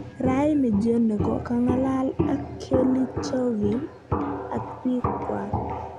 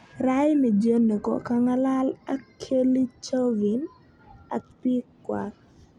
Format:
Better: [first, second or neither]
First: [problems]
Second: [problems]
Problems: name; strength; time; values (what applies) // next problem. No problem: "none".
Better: second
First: background sound (Walk, footsteps); 4 dB below the speech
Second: none